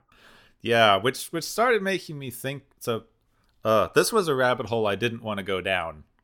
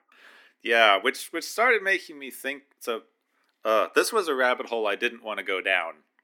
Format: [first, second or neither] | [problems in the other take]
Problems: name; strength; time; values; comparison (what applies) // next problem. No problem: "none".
first | thin; somewhat; fading below 250 Hz